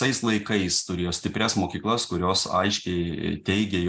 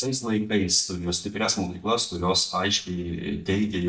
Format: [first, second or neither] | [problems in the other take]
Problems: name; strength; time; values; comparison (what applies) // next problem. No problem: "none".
first | noise reduction (neural mask model DeepFilterNet 3)